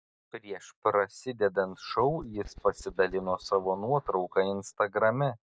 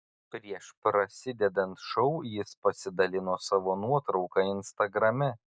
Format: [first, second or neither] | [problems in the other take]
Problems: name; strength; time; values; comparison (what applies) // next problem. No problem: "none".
second | noise reduction (neural mask model DeepFilterNet 3)